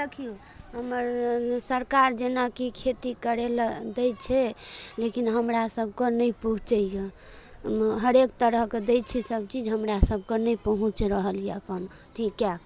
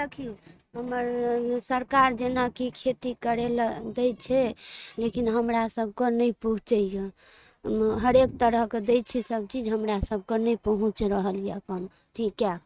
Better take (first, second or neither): first